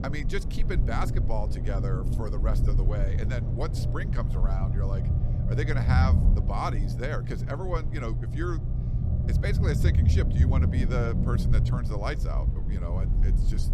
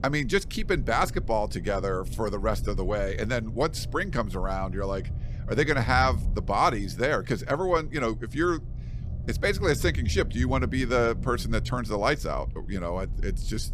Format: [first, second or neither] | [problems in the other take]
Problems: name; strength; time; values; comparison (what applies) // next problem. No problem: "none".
second | low rumble; loud; throughout; 5 dB below the speech; faint in the second